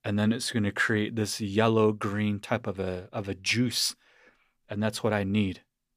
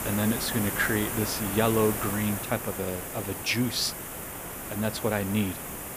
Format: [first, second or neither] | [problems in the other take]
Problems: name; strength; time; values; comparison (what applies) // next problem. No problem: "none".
first | hiss; loud; throughout; 4 dB below the speech